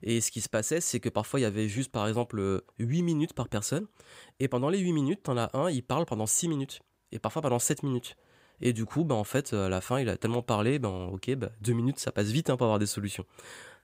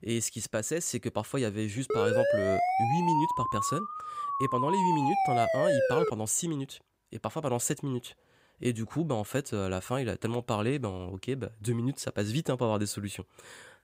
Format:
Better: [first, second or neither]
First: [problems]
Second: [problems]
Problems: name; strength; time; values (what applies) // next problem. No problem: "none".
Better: first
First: none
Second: siren; loud; from 2 to 6 s; peak 6 dB above the speech